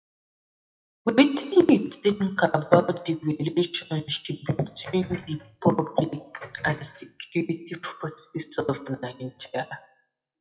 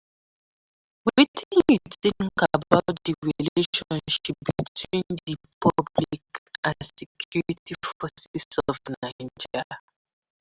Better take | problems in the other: second | noise reduction (classical method WPE with log-MMSE)

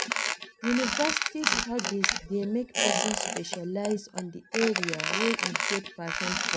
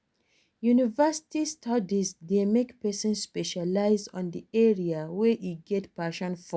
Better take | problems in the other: second | background sound (Squeak); 1 dB above the speech

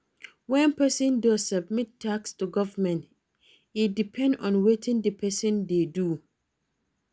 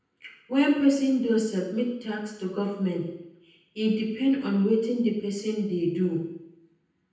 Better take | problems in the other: first | room echo; dies away in 0.9 s

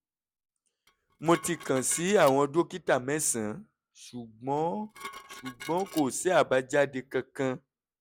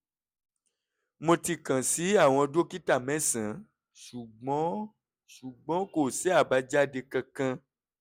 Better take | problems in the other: second | background sound (Dishes, pots, and pans); 17 dB below the speech

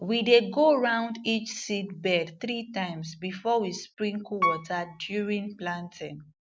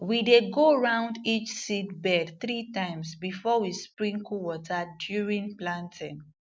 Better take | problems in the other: second | background sound (Piano); 5 dB below the speech

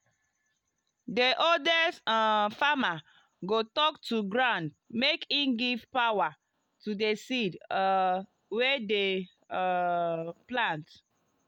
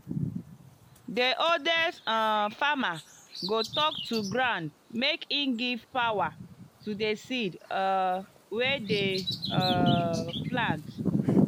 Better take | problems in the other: first | background sound (Bird vocalization, bird call, bird song); 4 dB below the speech

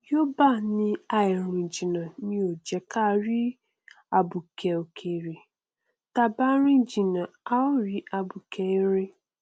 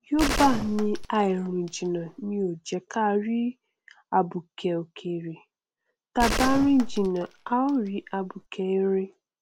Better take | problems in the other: first | background sound (Gunshot, gunfire); 5 dB below the speech

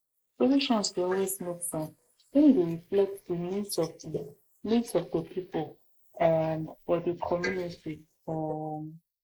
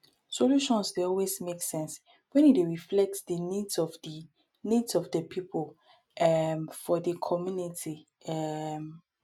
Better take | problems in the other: second | noise reduction (neural mask model Resemble Enhance denoiser)

